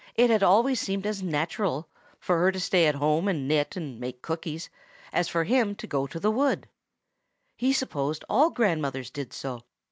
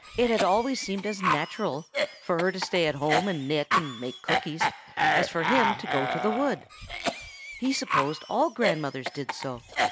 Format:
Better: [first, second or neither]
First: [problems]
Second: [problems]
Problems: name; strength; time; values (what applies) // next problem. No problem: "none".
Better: first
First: none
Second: background sound (Cough); 1 dB below the speech